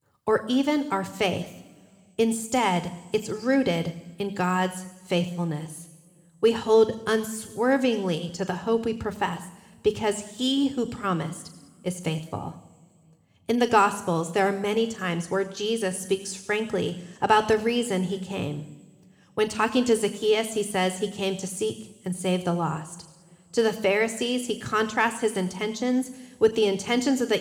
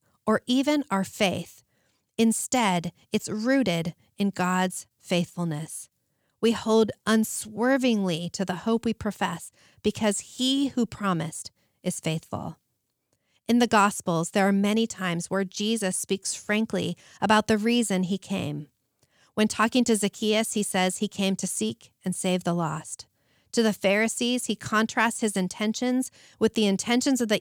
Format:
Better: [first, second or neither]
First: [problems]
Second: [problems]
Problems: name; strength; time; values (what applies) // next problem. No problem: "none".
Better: second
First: room echo; slight; dies away in 1.7 s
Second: none